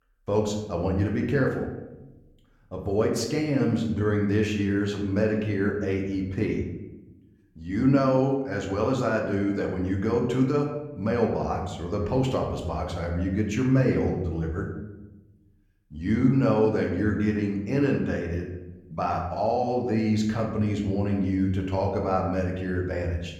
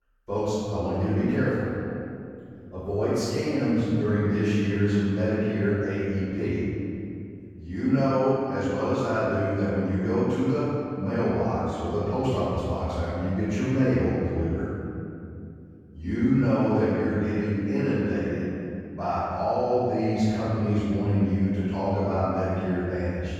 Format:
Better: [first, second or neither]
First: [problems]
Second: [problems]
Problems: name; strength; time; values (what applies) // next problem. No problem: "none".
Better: first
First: room echo; slight; dies away in 0.8 s // off-mic speech; somewhat distant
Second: room echo; strong; dies away in 2.4 s // off-mic speech; far